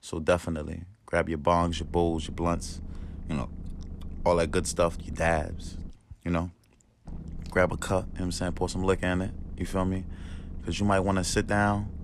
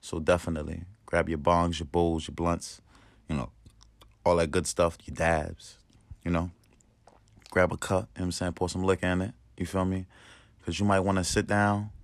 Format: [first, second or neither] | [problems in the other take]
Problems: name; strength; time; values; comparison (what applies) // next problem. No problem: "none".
second | low rumble; faint; from 1.5 to 6 s and from 7 s on; 25 dB below the speech